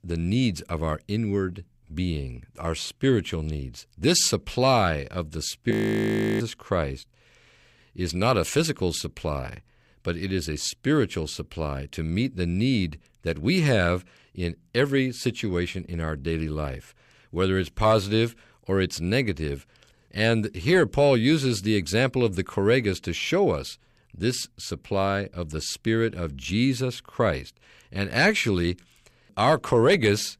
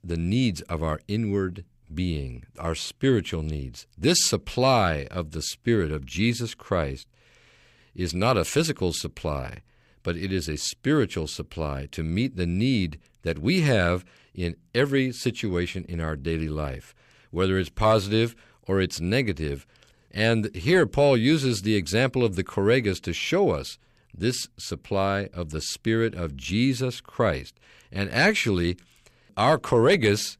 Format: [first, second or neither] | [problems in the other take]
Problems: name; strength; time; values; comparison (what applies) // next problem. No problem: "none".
second | audio freezing; at 5.5 s for 0.5 s